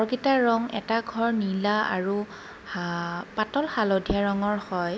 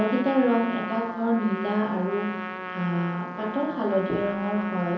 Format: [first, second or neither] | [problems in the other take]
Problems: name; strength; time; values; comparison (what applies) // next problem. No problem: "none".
first | background sound (Trumpet); 9 dB below the speech // room echo; dies away in 0.7 s